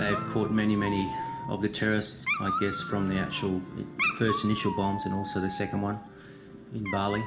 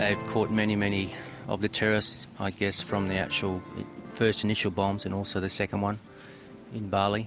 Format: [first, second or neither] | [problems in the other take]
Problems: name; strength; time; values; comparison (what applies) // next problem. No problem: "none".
second | background sound (Dog); 6 dB below the speech // room echo; dies away in 0.4 s